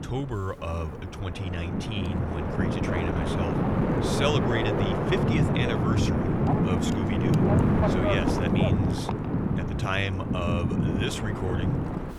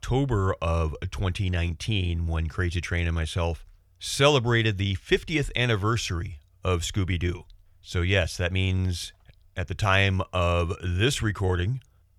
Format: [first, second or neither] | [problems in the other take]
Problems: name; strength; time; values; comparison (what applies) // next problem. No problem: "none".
second | wind noise on the microphone; heavy; 3 dB above the speech